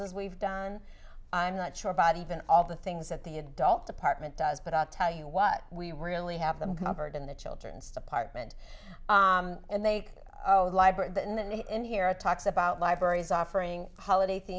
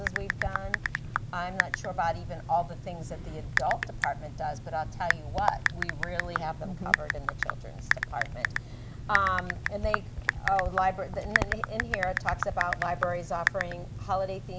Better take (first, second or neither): first